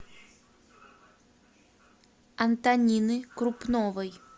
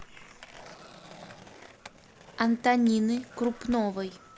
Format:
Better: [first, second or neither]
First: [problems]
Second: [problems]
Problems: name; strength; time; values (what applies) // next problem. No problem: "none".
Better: first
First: none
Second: background sound (Skateboard); 20 dB below the speech